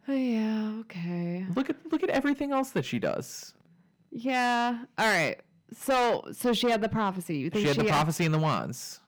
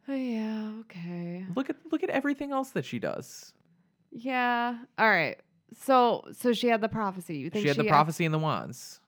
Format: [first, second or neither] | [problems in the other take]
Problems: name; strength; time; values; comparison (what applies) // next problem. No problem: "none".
second | distortion; heavy; 7 dB below the speech